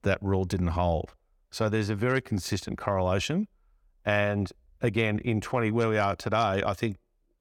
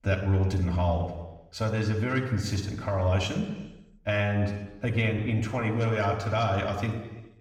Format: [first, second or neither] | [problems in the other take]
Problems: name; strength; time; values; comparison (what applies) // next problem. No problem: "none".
first | room echo; noticeable; dies away in 1.1 s // off-mic speech; far